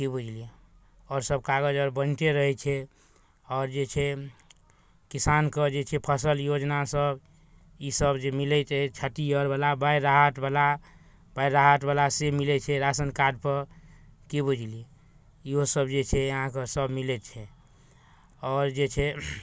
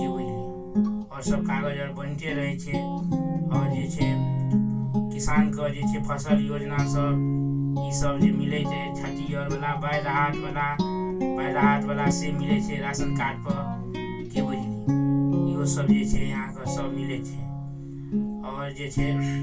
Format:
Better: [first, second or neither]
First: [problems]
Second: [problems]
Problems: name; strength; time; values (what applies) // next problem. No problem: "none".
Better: first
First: none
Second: background sound (Guitar); 5 dB above the speech // room echo; dies away in 0.2 s